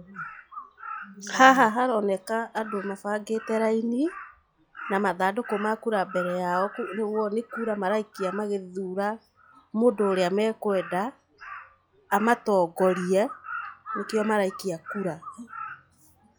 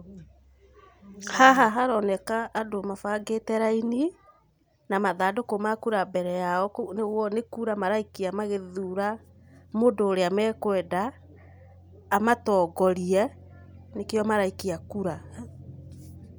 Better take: second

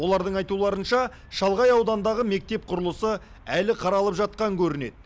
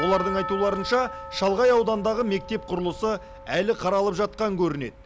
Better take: first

